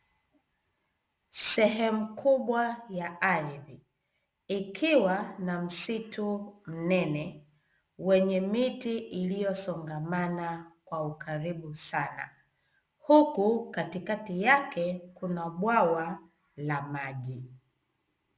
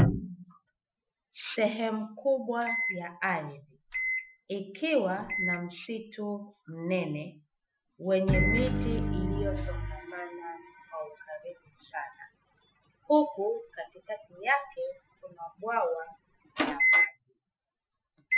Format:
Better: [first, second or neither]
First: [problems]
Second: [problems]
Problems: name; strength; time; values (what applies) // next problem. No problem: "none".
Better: first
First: none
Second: noise reduction (classical method Wiener filter)